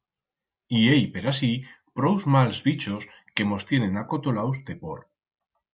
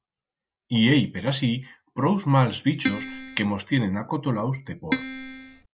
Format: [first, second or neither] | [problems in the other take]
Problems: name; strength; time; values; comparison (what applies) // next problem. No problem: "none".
first | background sound (Keyboard (musical)); 6 dB below the speech